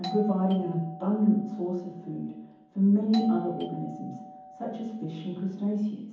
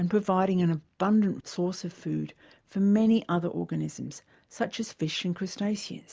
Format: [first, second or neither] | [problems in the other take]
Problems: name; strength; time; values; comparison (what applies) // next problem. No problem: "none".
second | background sound (Doorbell); 15 dB below the speech // room echo; dies away in 1.2 s